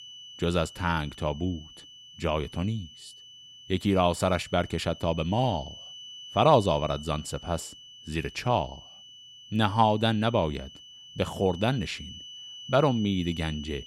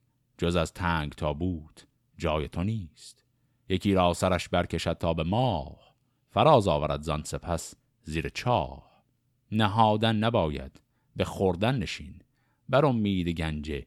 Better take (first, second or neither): second